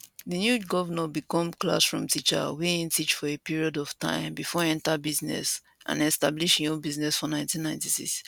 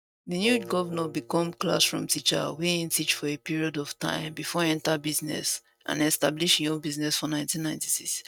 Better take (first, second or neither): first